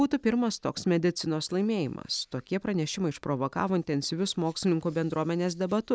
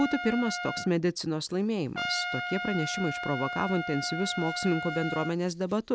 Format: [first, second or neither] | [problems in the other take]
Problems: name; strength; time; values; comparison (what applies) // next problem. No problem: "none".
first | background sound (Trumpet); 6 dB below the speech